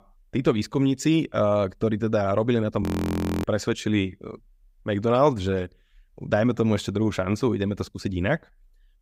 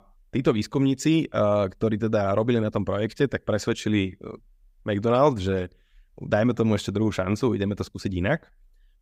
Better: second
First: audio freezing; at 3 s for 0.5 s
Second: none

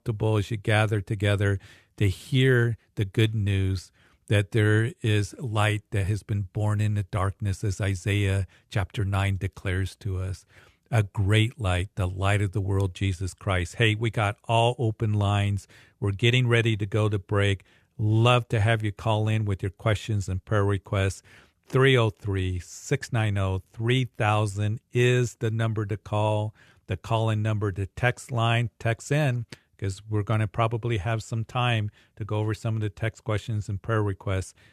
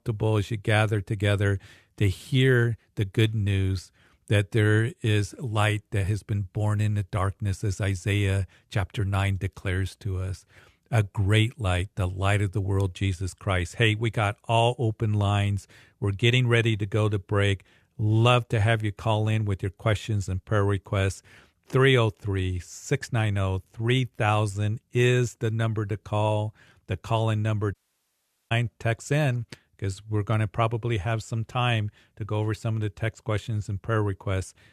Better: first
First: none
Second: audio cutting out; at 28 s for 1 s

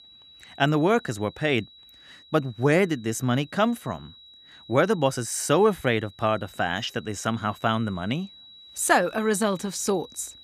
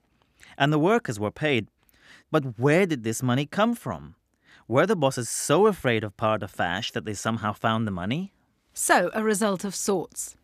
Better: second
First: high-pitched whine; faint; throughout; 4 kHz, 25 dB below the speech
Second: none

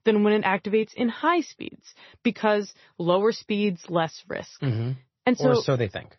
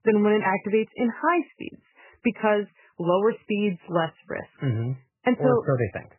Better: first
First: garbled, watery; slightly; nothing above 6 kHz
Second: garbled, watery; badly; nothing above 3 kHz

